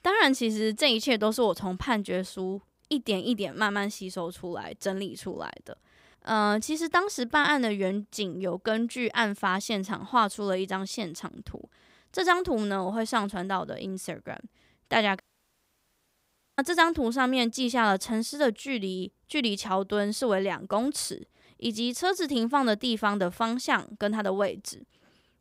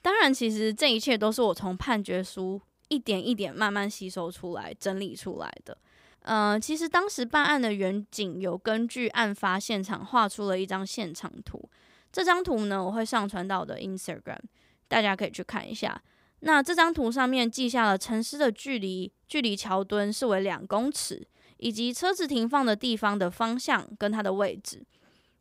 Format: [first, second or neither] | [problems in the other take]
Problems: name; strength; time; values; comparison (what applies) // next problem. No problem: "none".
second | audio cutting out; at 15 s for 1.5 s